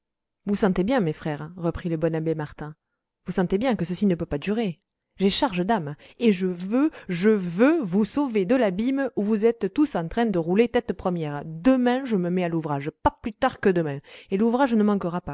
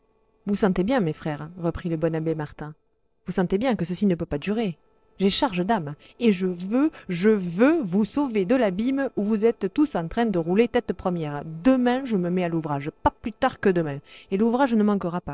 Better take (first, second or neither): first